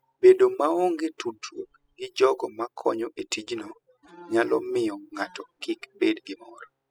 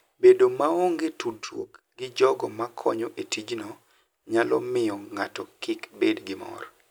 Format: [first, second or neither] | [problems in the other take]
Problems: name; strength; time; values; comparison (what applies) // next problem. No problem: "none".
second | noise reduction (classical method spectral subtraction)